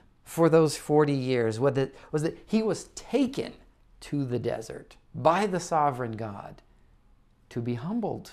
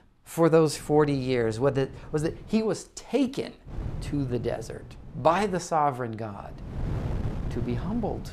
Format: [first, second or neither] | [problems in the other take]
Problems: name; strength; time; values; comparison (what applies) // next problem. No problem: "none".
first | wind noise on the microphone; occasional gusts; from 0.5 to 2.5 s, from 3.5 to 5.5 s and from 6.5 s on; 20 dB below the speech